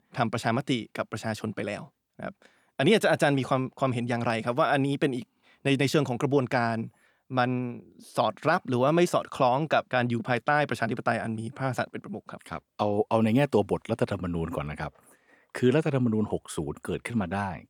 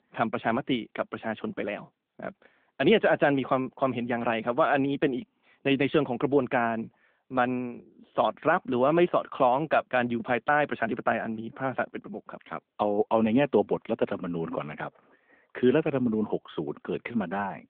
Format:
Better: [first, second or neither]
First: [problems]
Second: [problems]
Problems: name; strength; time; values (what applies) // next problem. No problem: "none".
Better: first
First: none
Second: phone-call audio